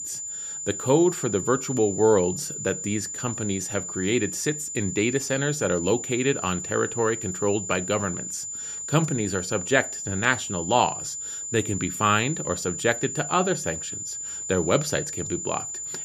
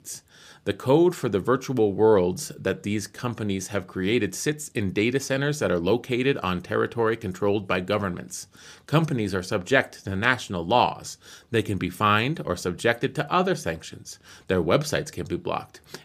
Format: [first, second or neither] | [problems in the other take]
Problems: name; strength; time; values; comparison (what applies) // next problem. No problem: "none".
second | high-pitched whine; loud; throughout; 7 kHz, 5 dB below the speech